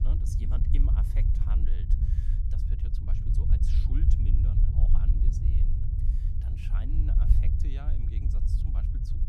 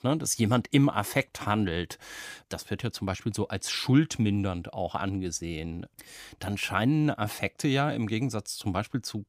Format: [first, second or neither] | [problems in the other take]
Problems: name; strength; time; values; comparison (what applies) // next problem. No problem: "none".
second | wind noise on the microphone; heavy; 4 dB above the speech